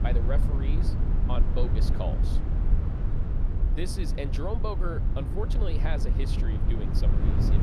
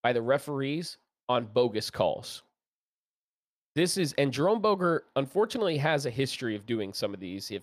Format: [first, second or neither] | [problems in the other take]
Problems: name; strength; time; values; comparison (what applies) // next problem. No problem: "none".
second | low rumble; loud; throughout; 3 dB below the speech